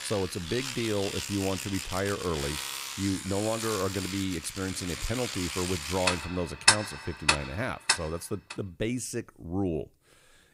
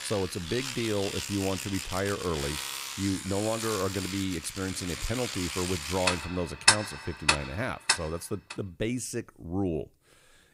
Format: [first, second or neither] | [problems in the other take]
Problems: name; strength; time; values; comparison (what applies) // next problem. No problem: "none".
neither | household noises; very loud; until 8 s; 2 dB above the speech; the same in both